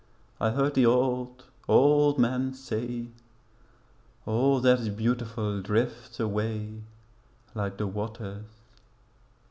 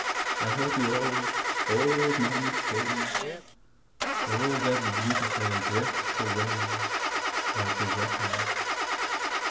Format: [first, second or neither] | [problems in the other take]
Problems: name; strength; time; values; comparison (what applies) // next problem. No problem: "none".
first | background sound (Engine starting / Car); 4 dB above the speech // room echo; dies away in 1.2 s